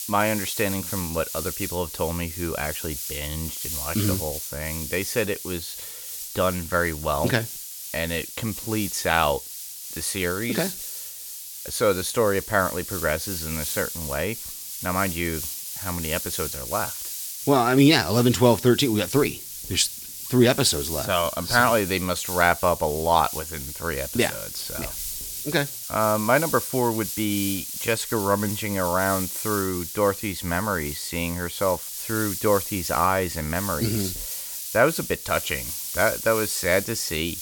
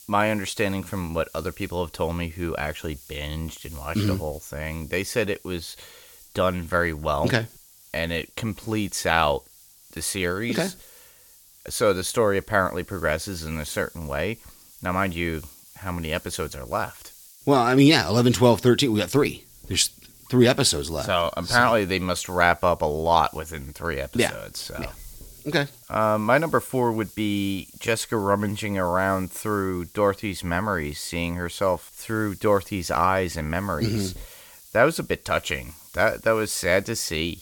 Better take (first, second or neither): second